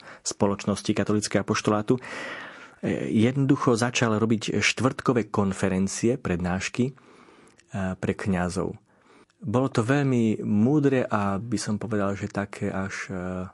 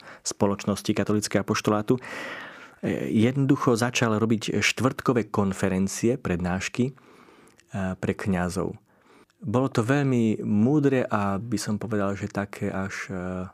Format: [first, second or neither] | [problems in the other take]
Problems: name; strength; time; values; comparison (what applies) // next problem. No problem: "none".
second | garbled, watery; slightly; nothing above 11 kHz